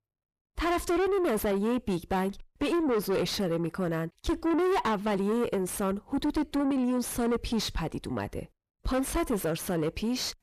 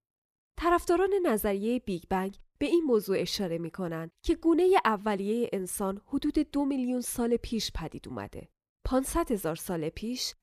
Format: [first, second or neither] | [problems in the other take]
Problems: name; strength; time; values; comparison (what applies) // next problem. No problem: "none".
second | distortion; heavy; 6 dB below the speech